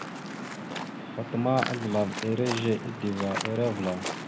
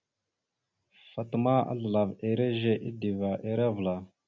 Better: second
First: background sound (Waves, surf); 6 dB below the speech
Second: none

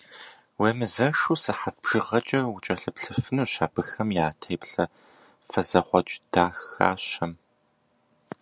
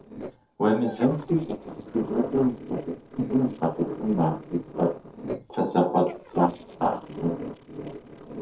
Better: first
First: none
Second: noise reduction (neural separator model SepFormer DNS4)

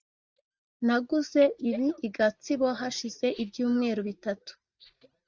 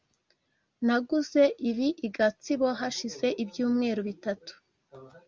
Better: second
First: noise reduction (neural mask model DeepFilterNet 3)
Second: none

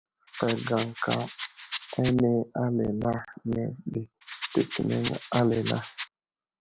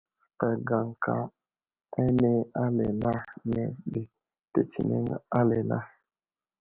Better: second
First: background sound (Rattle); 10 dB below the speech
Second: none

